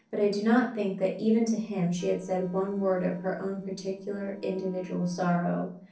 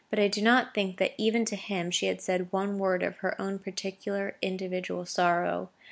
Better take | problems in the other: second | noise reduction (neural separator model SepFormer DNS4)

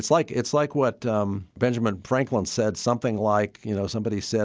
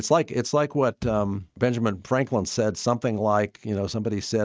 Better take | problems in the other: first | noise reduction (neural mask model RNNoise)

